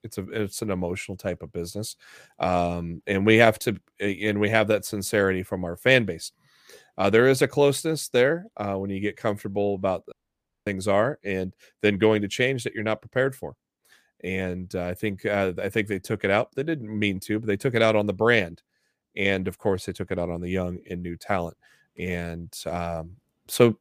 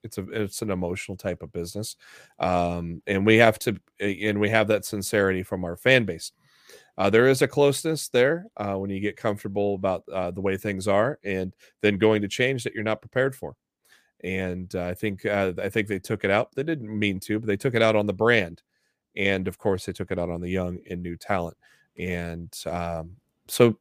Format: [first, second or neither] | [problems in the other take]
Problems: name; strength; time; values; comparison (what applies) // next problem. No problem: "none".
second | audio cutting out; at 10 s for 0.5 s